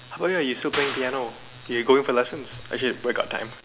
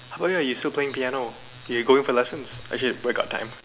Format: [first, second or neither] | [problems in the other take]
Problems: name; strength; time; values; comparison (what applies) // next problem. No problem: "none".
second | background sound (Clapping); 13 dB below the speech